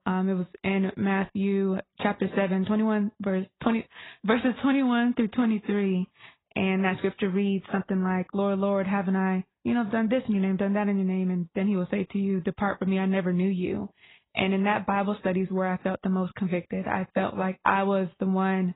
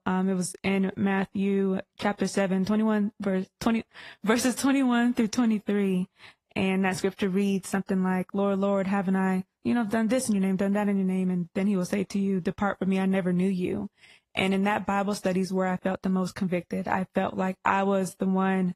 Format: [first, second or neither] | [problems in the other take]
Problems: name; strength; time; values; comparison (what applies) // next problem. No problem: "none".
second | garbled, watery; badly; nothing above 4 kHz; slightly in the second